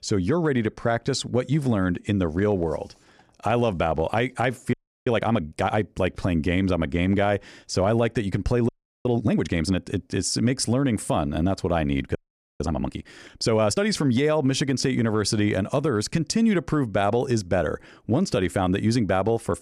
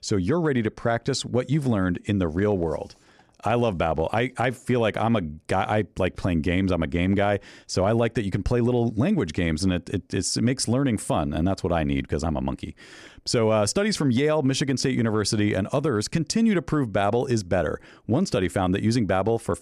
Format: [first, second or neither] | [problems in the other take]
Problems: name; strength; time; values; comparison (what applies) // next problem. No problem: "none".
second | audio freezing; at 4.5 s, at 8.5 s and at 12 s